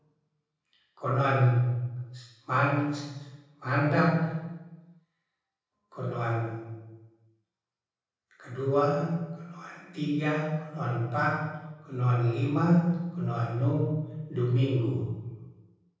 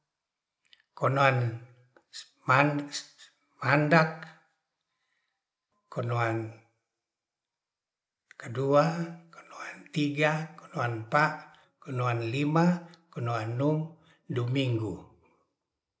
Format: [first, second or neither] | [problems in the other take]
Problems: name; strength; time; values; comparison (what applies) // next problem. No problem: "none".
second | room echo; dies away in 1.3 s